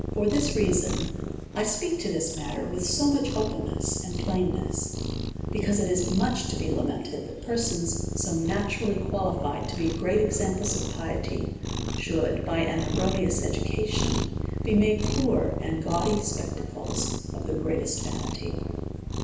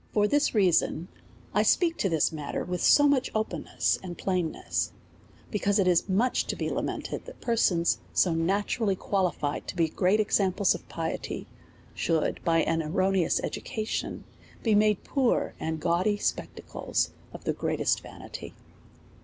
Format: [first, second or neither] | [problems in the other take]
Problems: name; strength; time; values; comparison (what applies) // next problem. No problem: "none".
second | background sound (Cat); 2 dB below the speech // room echo; dies away in 0.9 s